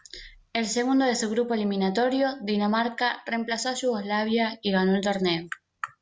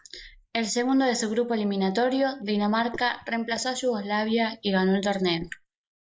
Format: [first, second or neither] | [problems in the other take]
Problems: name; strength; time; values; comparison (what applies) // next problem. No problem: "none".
first | noise reduction (neural mask model Resemble Enhance denoiser)